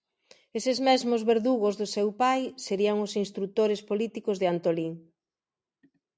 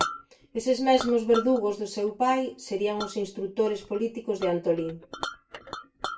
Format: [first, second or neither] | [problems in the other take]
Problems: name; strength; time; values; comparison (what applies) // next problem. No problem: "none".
first | background sound (Chink, clink); 11 dB below the speech // room echo; dies away in 0.2 s